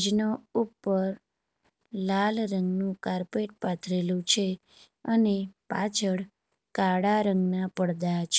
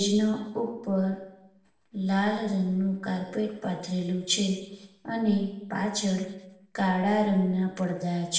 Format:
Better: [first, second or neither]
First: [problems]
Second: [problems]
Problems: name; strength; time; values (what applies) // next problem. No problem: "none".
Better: first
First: none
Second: room echo; dies away in 0.8 s